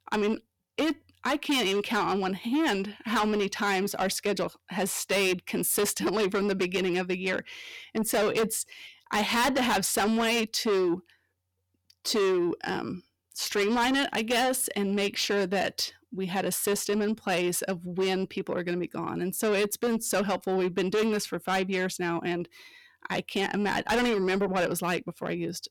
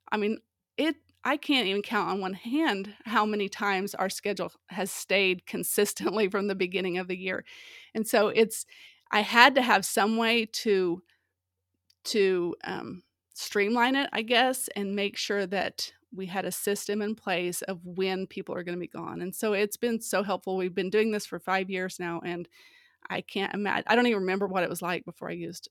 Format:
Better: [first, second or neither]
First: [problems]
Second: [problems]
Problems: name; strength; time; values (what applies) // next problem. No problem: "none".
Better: second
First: distortion; heavy; 6 dB below the speech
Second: none